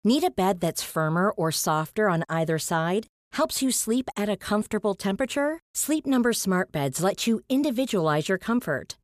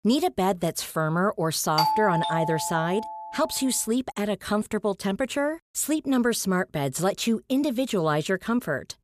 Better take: first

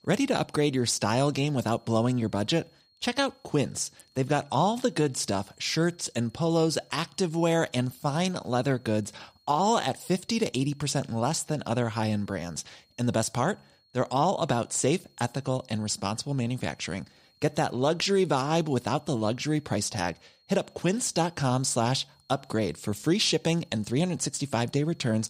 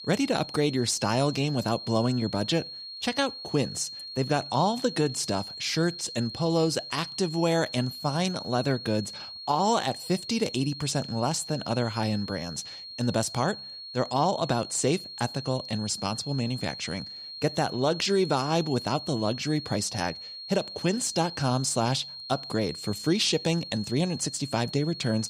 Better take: first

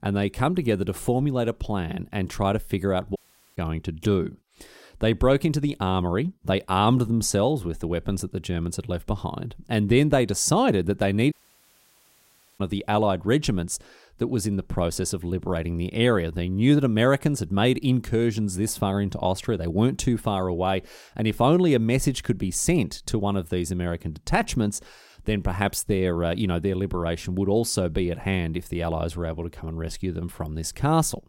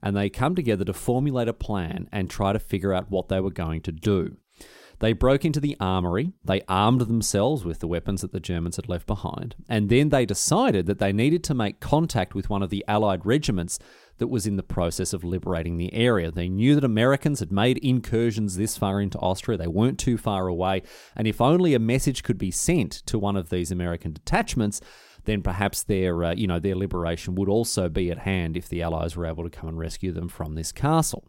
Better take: second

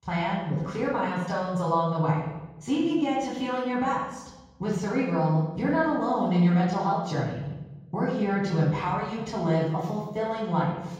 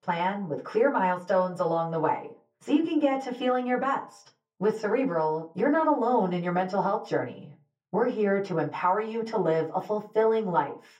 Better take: second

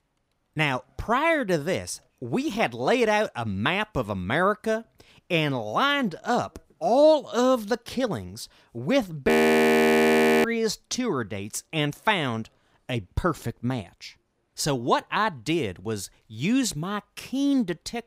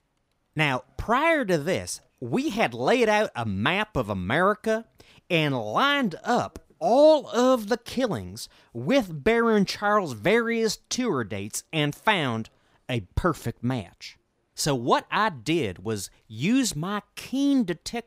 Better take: second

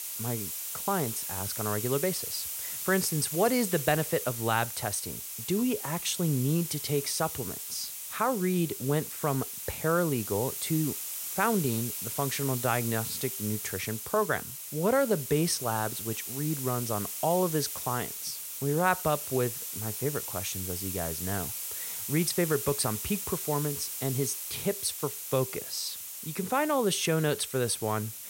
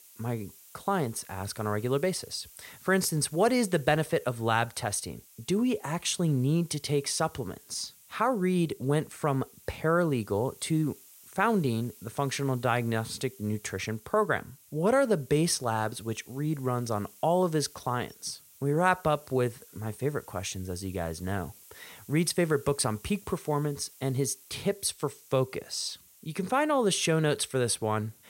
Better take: second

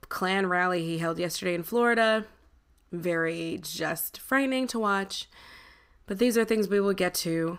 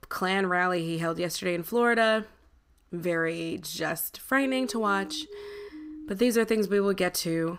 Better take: first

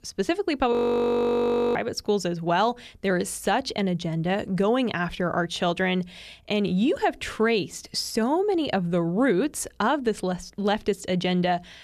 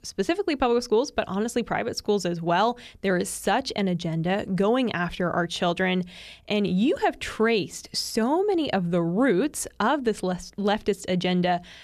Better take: second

